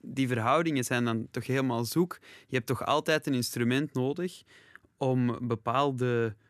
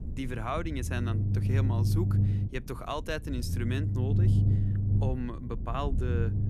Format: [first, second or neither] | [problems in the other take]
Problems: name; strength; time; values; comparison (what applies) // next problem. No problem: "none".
first | low rumble; loud; throughout; 5 dB below the speech